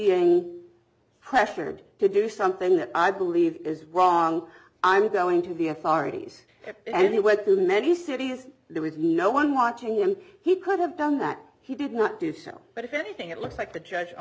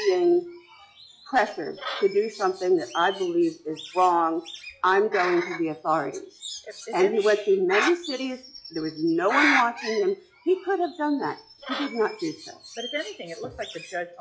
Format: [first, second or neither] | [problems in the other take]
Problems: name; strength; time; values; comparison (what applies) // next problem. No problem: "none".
first | noise reduction (classical method log-MMSE)